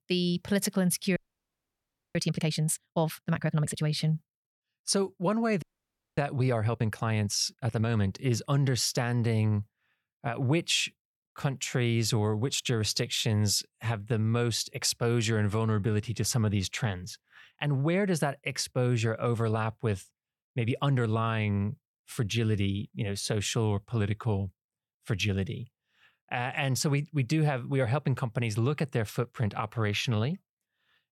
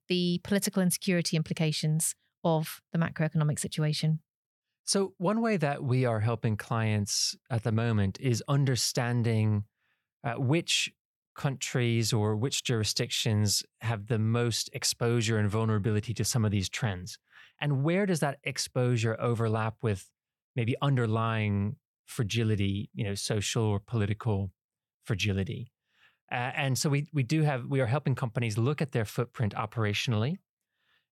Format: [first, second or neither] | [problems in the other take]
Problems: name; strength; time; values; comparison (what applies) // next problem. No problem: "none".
second | audio freezing; at 1 s for 1 s and at 5.5 s for 0.5 s